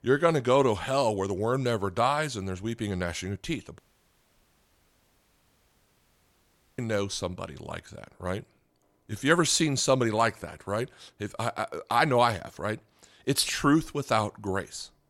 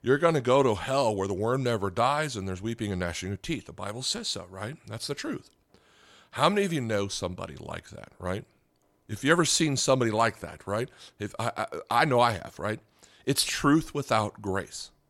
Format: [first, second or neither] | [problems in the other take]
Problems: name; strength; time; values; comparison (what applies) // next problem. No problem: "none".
second | audio cutting out; at 4 s for 3 s